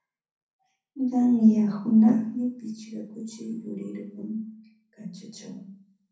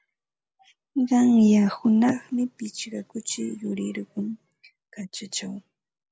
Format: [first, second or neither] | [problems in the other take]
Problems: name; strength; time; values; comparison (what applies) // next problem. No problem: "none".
second | room echo; dies away in 0.6 s